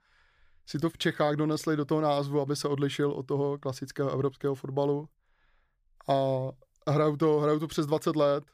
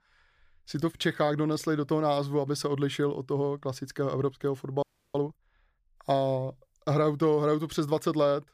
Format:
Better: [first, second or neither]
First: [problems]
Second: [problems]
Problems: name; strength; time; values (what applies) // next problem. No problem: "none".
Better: first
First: none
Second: audio freezing; at 5 s